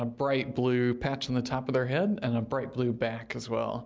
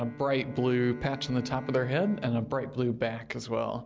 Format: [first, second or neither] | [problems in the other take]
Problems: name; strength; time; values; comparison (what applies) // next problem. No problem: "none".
first | background sound (Bowed string instrument); 16 dB below the speech